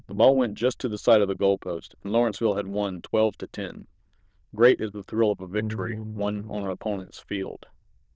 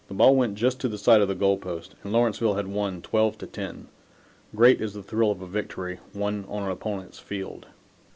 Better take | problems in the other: second | noise reduction (neural diffusion model UNIVERSE++)

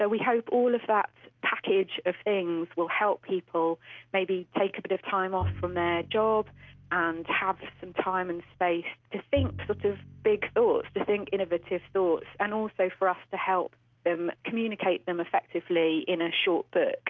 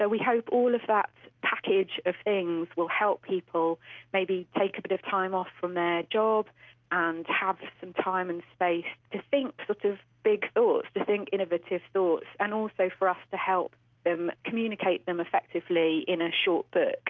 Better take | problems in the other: second | background sound (Bowed string instrument); 13 dB below the speech

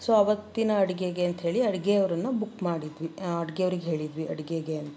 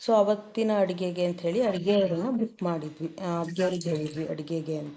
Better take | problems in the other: first | noise reduction (neural mask model Resemble Enhance denoiser)

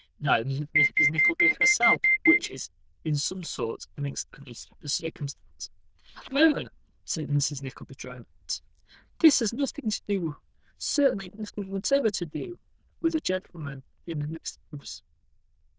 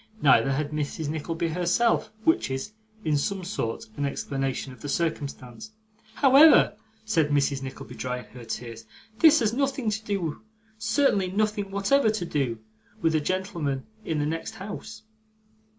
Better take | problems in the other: second | noise reduction (neural diffusion model UNIVERSE++)

